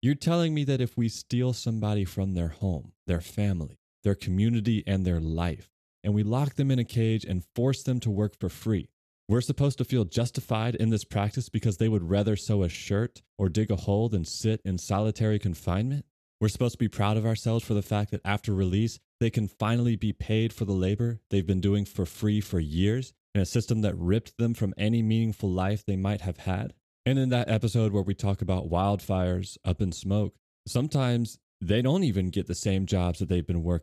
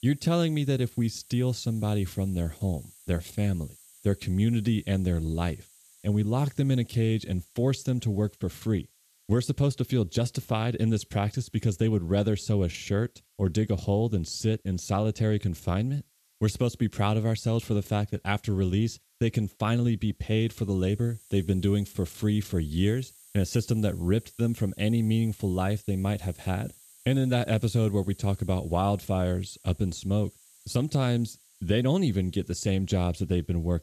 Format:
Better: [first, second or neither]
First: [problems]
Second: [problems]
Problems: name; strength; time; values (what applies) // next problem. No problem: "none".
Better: first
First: none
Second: hiss; faint; throughout; 25 dB below the speech